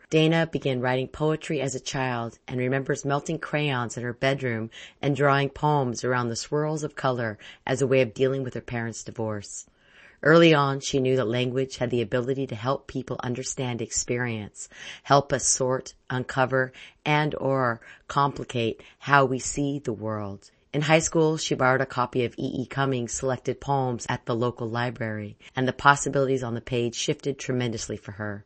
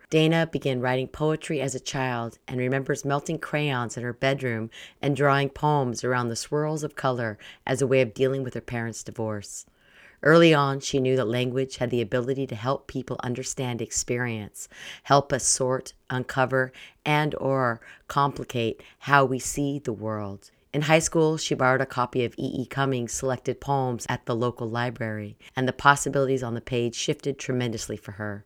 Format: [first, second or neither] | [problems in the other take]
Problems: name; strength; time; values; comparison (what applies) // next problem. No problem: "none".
second | garbled, watery; slightly; nothing above 8 kHz